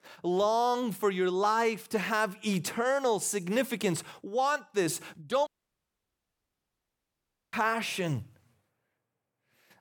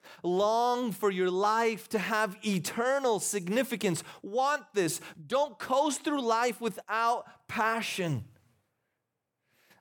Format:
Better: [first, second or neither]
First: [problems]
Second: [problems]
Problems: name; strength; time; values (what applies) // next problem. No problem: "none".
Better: second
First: audio cutting out; at 5.5 s for 2 s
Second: none